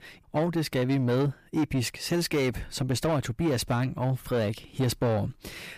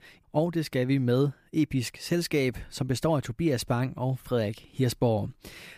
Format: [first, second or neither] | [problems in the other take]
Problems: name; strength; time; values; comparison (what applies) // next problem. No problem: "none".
second | distortion; slight; 10 dB below the speech